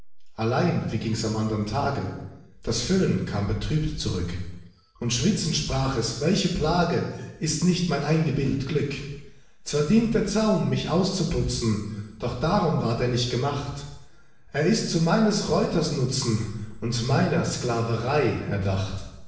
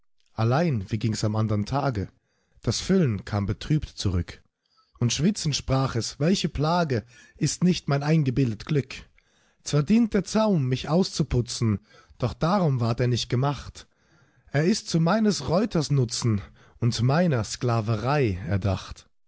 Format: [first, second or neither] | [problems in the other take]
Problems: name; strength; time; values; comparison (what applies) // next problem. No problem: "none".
second | room echo; dies away in 0.9 s